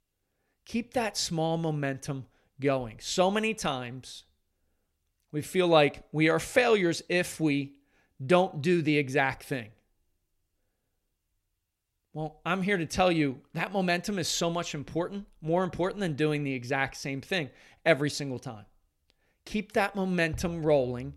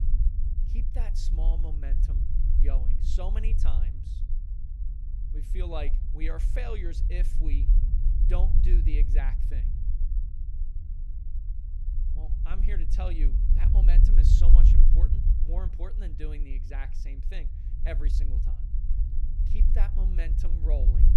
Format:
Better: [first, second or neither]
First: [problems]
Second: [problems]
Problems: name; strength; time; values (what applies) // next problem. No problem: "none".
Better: first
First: none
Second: low rumble; loud; throughout; 5 dB below the speech